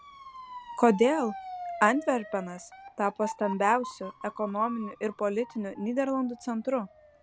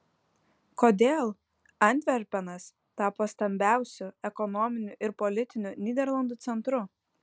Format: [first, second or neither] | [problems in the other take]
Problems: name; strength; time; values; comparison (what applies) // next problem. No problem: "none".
second | background sound (Motor vehicle (road) / Siren); 13 dB below the speech